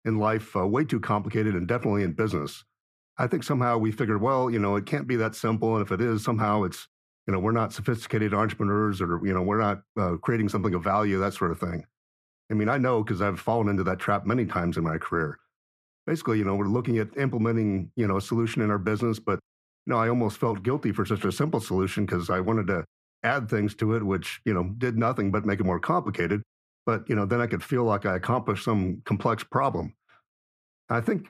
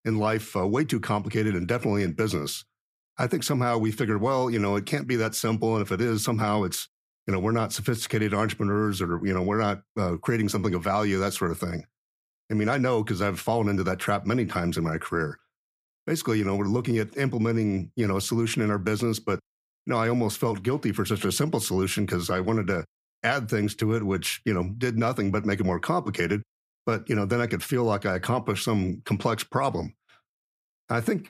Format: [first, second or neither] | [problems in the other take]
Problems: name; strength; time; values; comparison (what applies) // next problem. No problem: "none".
second | muffled; slightly; fading above 3 kHz